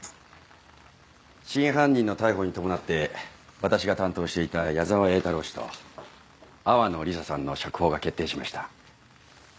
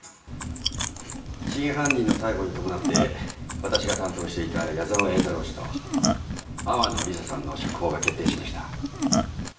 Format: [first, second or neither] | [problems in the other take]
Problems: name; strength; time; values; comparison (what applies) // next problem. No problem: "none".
first | background sound (Chewing, mastication); 1 dB above the speech // room echo; dies away in 0.7 s